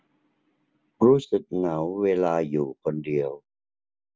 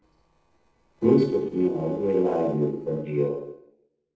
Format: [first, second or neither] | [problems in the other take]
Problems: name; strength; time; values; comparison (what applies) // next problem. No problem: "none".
first | noise reduction (neural separator model SepFormer DNS4)